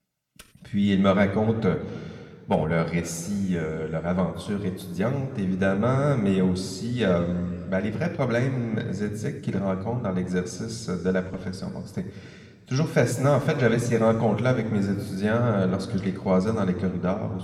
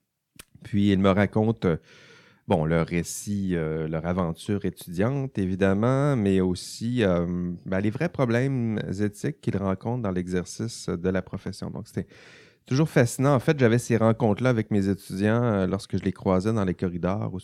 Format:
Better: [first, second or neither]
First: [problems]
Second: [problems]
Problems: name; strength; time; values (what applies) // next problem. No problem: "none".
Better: second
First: room echo; slight; dies away in 1.6 s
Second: none